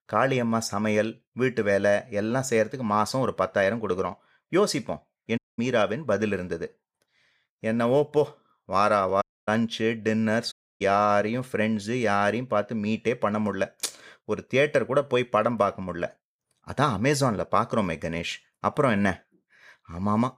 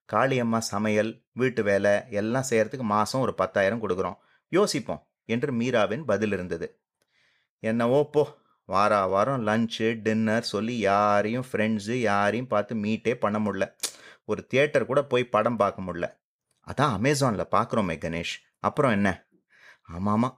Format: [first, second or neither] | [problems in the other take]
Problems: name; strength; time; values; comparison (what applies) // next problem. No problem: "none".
second | audio cutting out; at 5.5 s, at 9 s and at 11 s